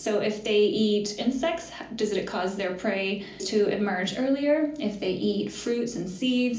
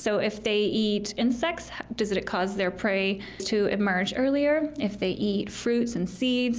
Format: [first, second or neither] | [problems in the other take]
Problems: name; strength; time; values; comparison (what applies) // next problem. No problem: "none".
second | room echo; dies away in 0.4 s